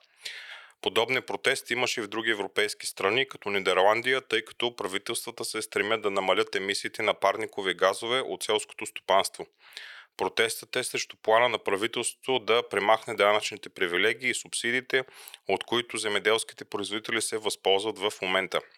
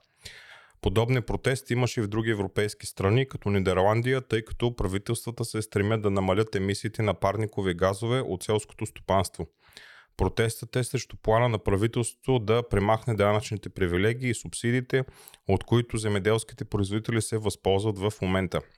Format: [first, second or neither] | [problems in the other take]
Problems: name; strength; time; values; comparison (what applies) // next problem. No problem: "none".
second | thin; very; fading below 450 Hz